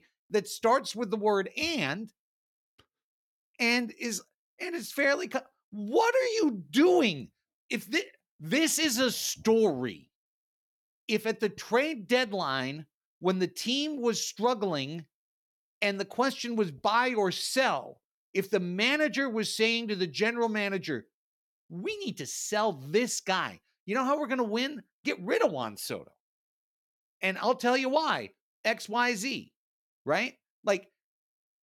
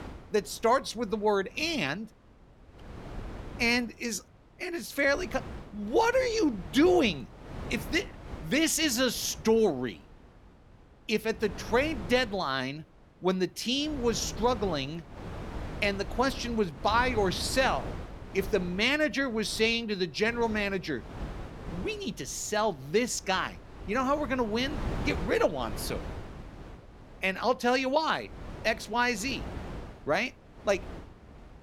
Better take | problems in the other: first | wind noise on the microphone; occasional gusts; 15 dB below the speech

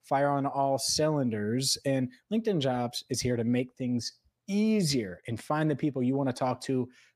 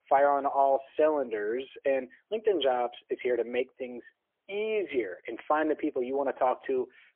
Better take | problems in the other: first | phone-call audio; poor line; nothing above 3.5 kHz

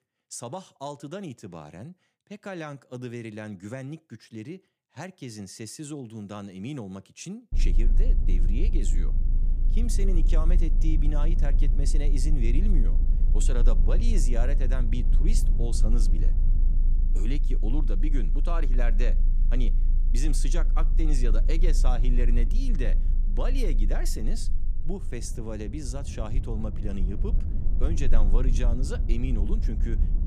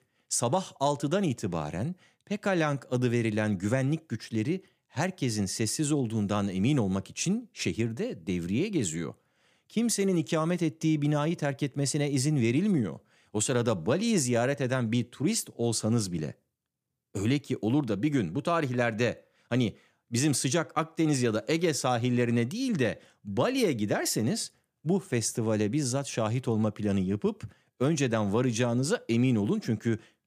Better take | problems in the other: second | low rumble; loud; from 7.5 s on; 10 dB below the speech

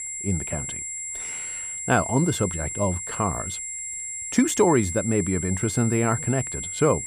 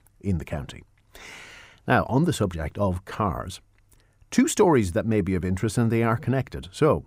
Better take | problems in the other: second | high-pitched whine; loud; throughout; 7.5 kHz, 5 dB below the speech

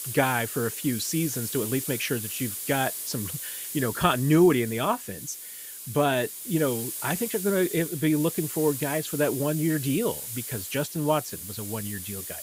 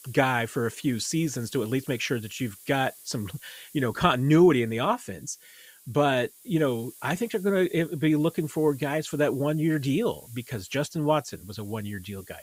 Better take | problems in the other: second | hiss; loud; throughout; 6 dB below the speech; faint in the second

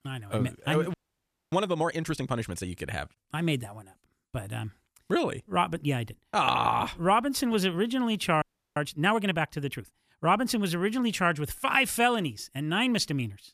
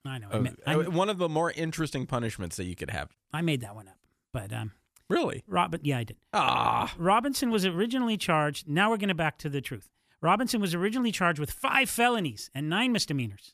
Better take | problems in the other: second | audio freezing; at 1 s for 0.5 s and at 8.5 s

